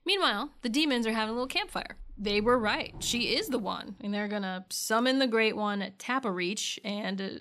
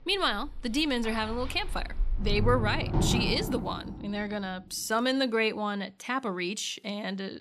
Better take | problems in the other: first | household noises; loud; until 3 s; 4 dB below the speech; faint in the first

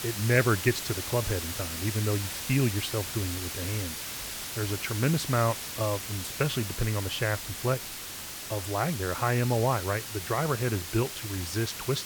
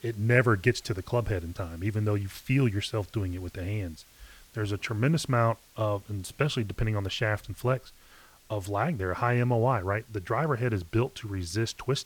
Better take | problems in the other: second | hiss; loud; throughout; 5 dB below the speech; faint in the second

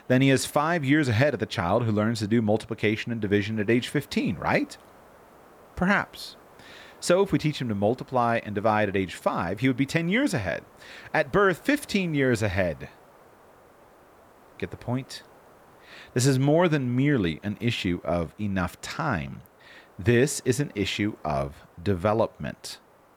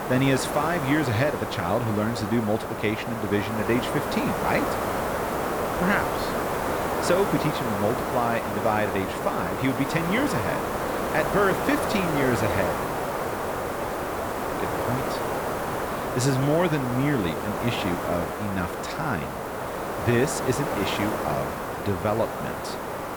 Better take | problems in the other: first | hiss; loud; throughout; 1 dB below the speech; faint in the first

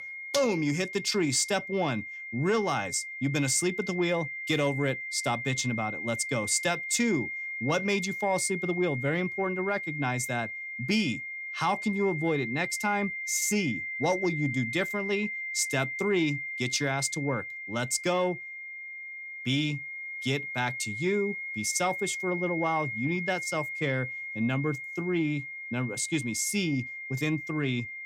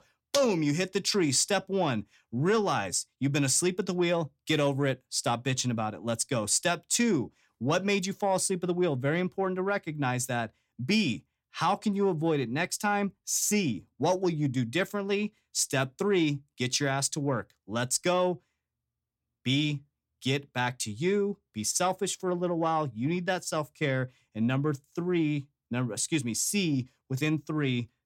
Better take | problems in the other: second | high-pitched whine; loud; throughout; 2 kHz, 5 dB below the speech

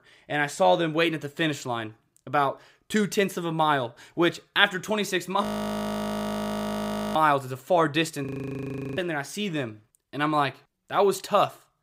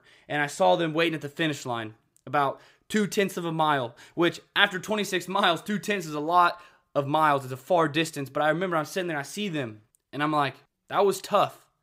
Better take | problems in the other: second | audio freezing; at 5.5 s for 1.5 s and at 8.5 s for 0.5 s

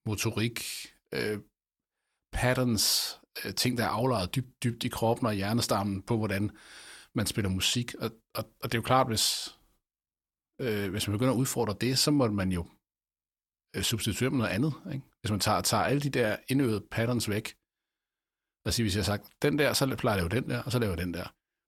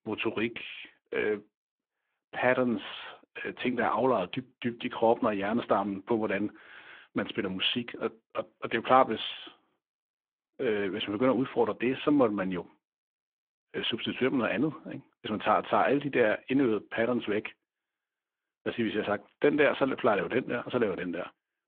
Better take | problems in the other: first | phone-call audio

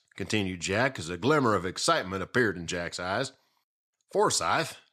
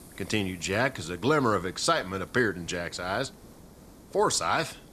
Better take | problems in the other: first | hiss; faint; throughout; 20 dB below the speech

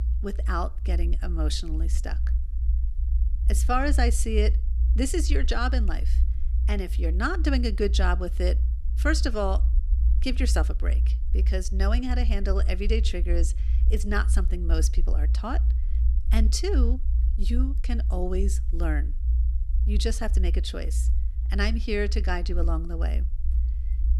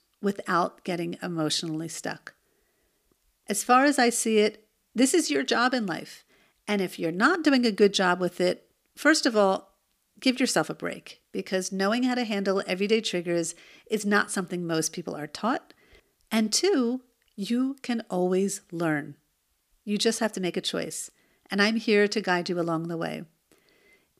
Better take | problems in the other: second | low rumble; noticeable; throughout; 15 dB below the speech

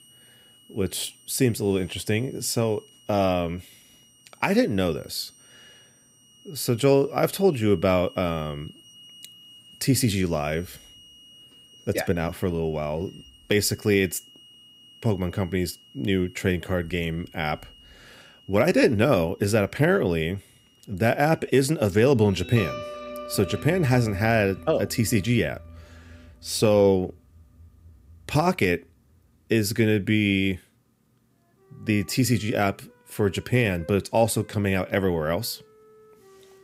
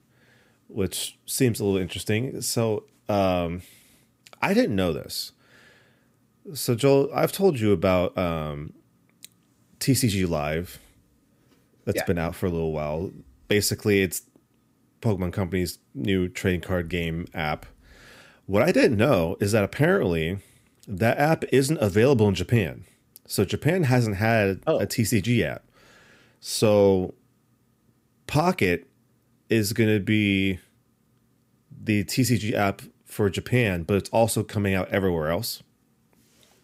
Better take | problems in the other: second | background music; faint; throughout; 20 dB below the speech

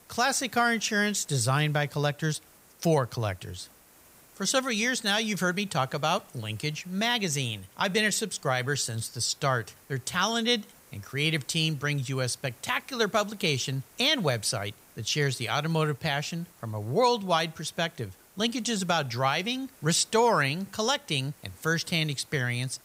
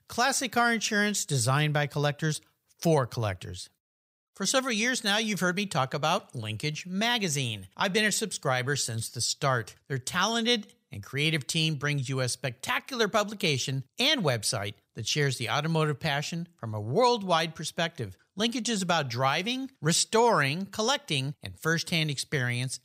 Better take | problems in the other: second | hiss; faint; throughout; 25 dB below the speech

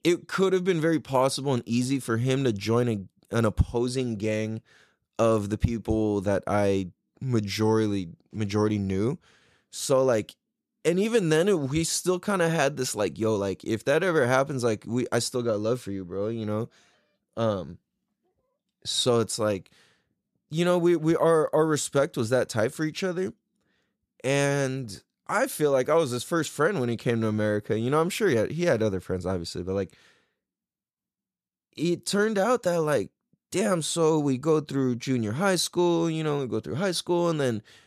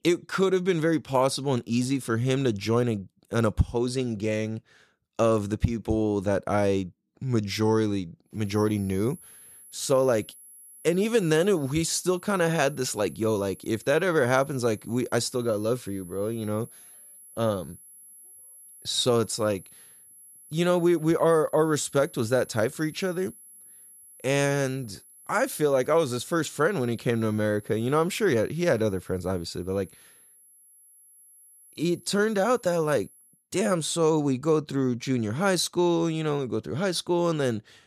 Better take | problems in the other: first | high-pitched whine; faint; from 8.5 to 33 s; 11 kHz, 20 dB below the speech

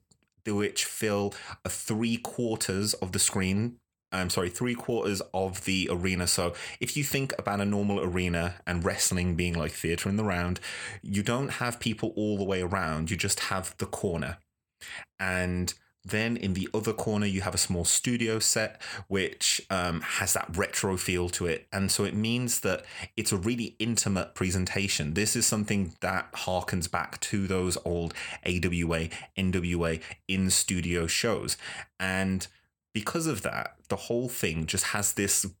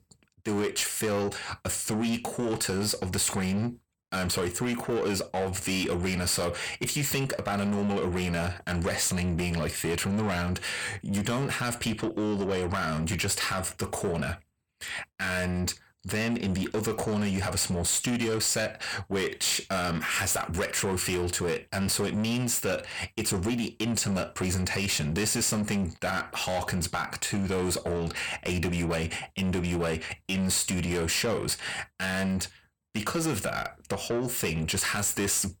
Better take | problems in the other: first | distortion; heavy; 7 dB below the speech

